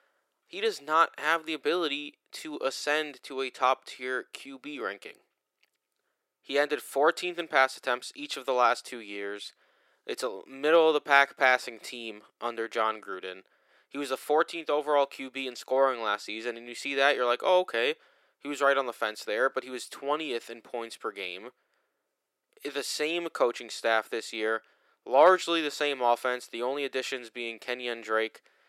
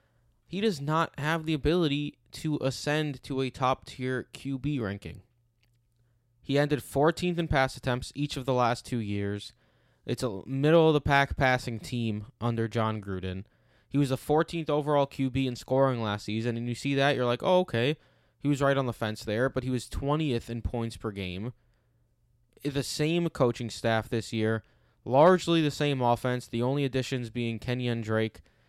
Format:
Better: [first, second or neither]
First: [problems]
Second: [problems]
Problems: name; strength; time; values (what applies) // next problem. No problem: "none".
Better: second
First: thin; very; fading below 400 Hz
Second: none